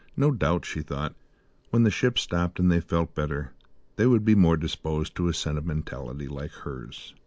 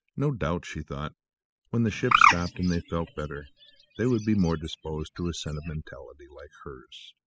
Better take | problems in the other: first | noise reduction (classical method spectral subtraction)

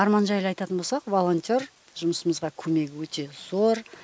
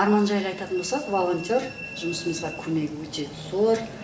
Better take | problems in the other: first | background sound (Train); 13 dB below the speech // room echo; dies away in 0.7 s

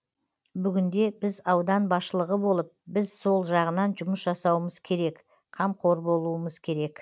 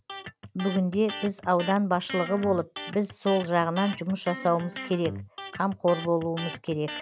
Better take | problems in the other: first | background sound (Electric guitar); 12 dB below the speech

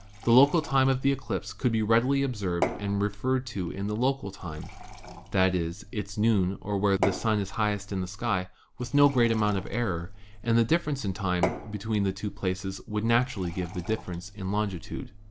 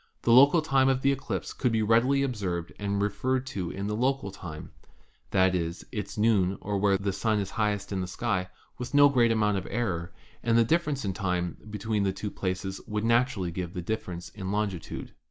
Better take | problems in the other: second | background sound (Fill (with liquid) / Glass / Water); 13 dB below the speech

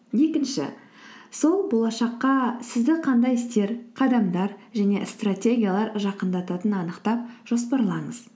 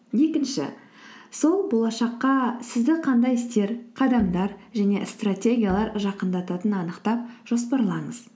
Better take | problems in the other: first | background sound (Bowed string instrument); 17 dB below the speech

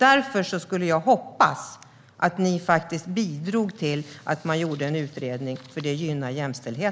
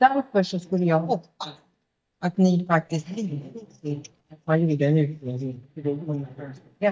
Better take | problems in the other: first | noise reduction (neural mask model DeepFilterNet 3)

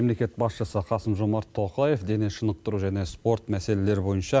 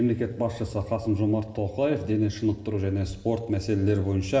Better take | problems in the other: first | room echo; dies away in 1.1 s

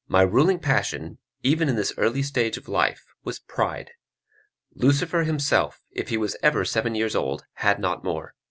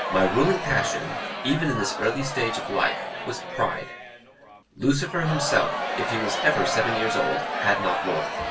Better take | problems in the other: first | background sound (Crowd); 3 dB below the speech // room echo; dies away in 0.2 s

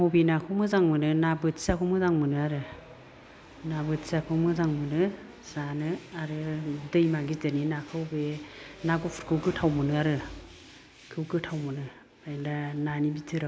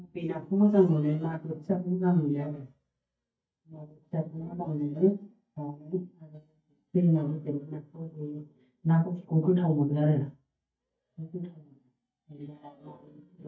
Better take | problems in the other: first | noise reduction (neural mask model DeepFilterNet 3)

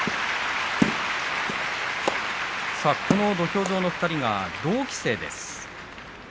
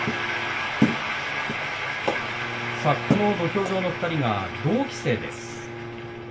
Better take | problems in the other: first | background sound (Bowed string instrument); 13 dB below the speech // room echo; dies away in 0.2 s

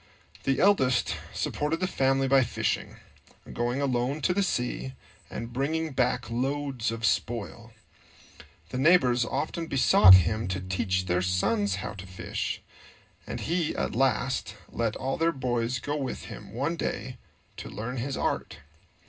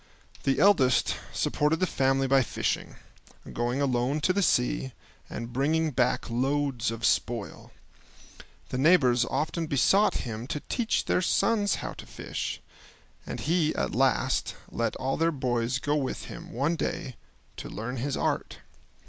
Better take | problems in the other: second | background sound (Bowed string instrument); 4 dB above the speech // room echo; dies away in 0.2 s

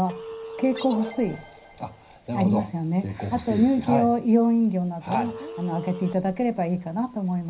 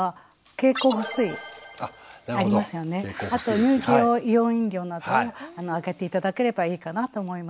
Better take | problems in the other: second | background sound (Telephone); 17 dB below the speech // room echo; dies away in 0.4 s

